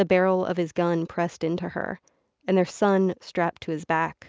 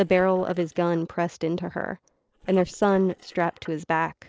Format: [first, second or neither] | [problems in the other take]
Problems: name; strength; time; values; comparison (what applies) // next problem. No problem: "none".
first | noise reduction (neural separator model SepFormer DNS4)